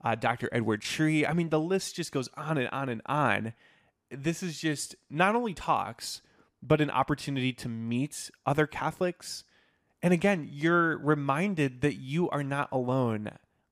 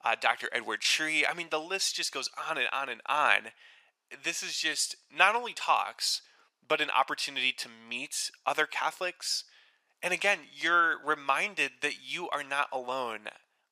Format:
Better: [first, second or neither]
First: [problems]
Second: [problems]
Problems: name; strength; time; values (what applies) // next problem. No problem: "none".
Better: first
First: none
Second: thin; very; fading below 800 Hz